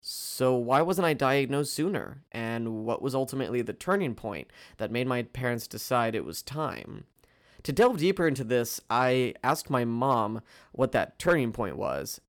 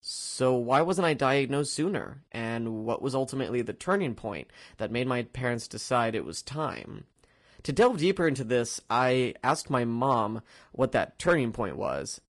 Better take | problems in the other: first | garbled, watery; slightly; nothing above 10.5 kHz

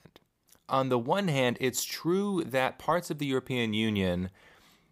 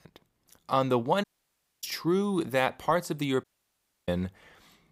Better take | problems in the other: first | audio cutting out; at 1 s for 0.5 s and at 3.5 s for 0.5 s

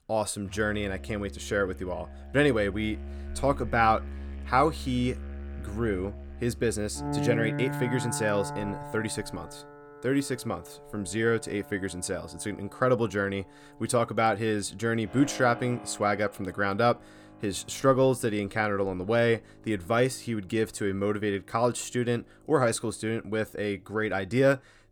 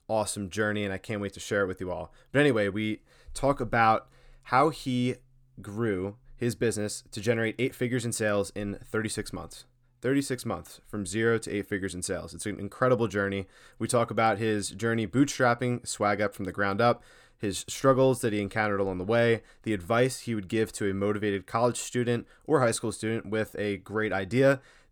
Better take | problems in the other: second | background music; noticeable; throughout; 10 dB below the speech

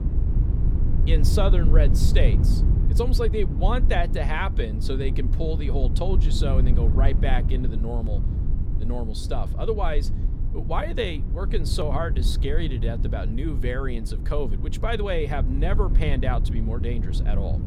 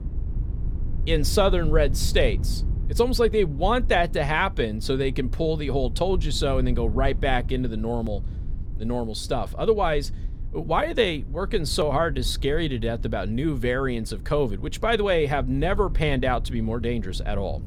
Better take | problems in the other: second | low rumble; loud; throughout; 9 dB below the speech; faint in the second

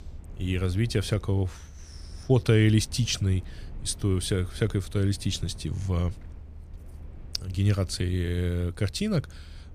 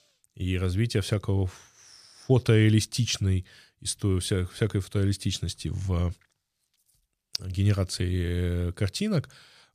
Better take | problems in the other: second | low rumble; faint; throughout; 25 dB below the speech

